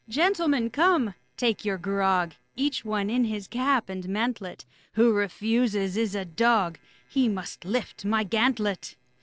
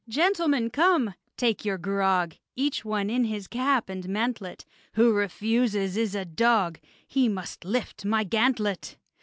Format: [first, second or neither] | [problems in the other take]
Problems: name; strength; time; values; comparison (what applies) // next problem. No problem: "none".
second | noise reduction (neural separator model SepFormer DNS4)